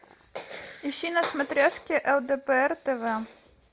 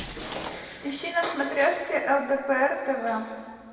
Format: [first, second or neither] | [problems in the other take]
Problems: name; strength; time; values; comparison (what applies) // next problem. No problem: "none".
first | background sound (Shatter); 16 dB below the speech // room echo; dies away in 1.8 s